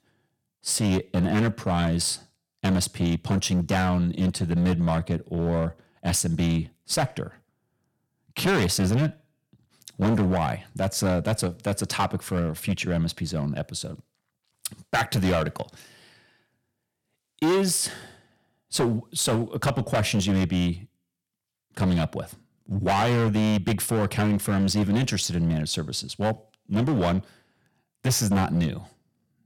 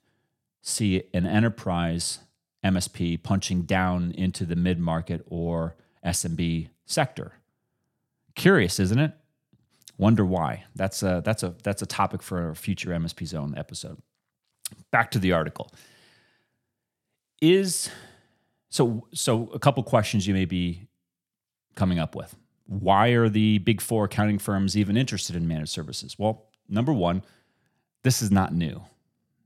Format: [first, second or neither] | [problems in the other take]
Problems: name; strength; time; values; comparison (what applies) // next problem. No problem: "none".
second | distortion; heavy; 11% of the sound clipped